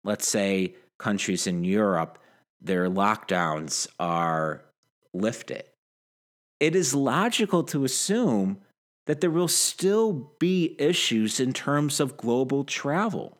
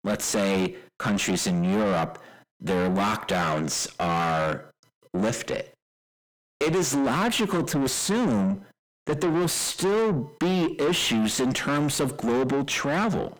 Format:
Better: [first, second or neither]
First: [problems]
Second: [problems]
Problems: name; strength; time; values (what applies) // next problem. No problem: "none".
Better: first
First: none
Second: distortion; heavy; 5 dB below the speech